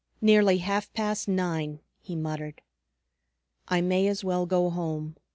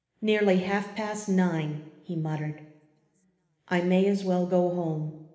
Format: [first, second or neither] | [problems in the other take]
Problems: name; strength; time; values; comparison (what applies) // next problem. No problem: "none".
first | room echo; dies away in 1.1 s